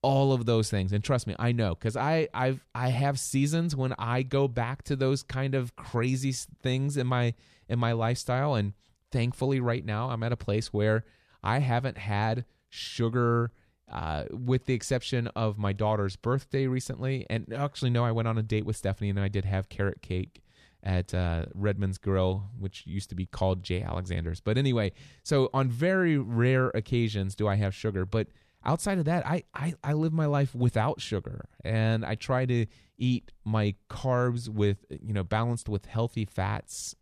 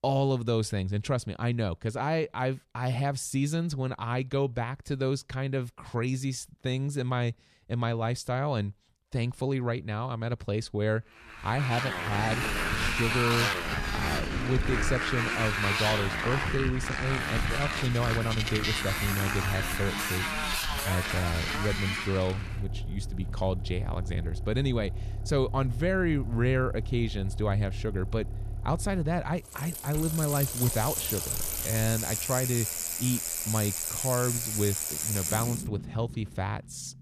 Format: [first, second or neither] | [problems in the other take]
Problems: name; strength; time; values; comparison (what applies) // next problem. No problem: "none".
first | traffic noise; loud; from 12 s on; as loud as the speech